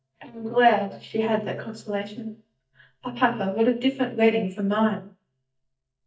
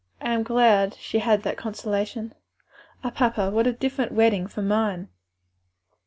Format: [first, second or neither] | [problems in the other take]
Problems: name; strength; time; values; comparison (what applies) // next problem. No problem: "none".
second | noise reduction (neural mask model DeepFilterNet 3)